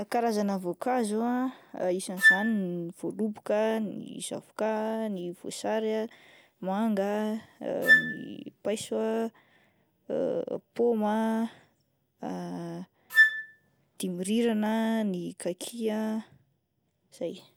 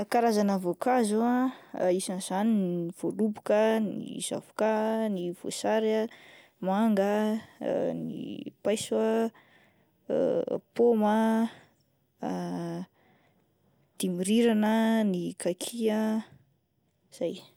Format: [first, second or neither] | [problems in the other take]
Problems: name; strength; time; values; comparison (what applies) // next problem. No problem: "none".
second | background sound (Wind instrument, woodwind instrument); 4 dB above the speech